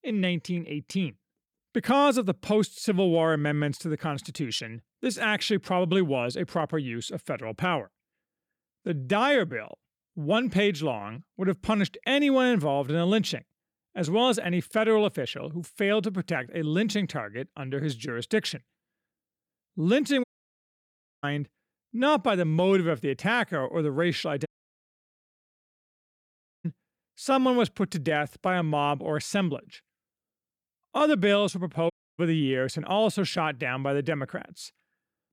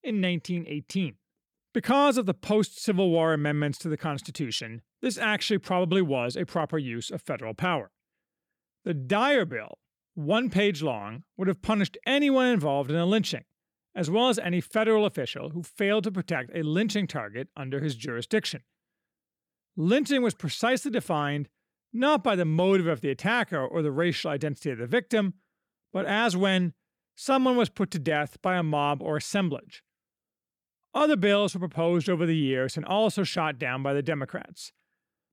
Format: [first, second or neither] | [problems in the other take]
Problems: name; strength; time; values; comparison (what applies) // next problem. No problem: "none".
second | audio cutting out; at 20 s for 1 s, at 24 s for 2 s and at 32 s